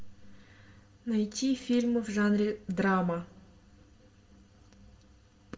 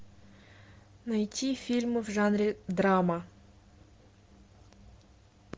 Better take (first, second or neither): second